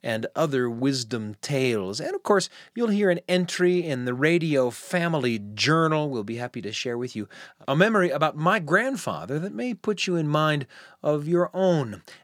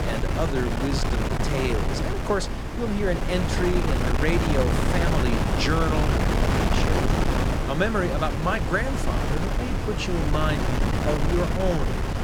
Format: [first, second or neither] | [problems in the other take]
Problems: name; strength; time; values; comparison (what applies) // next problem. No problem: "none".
first | wind noise on the microphone; heavy; as loud as the speech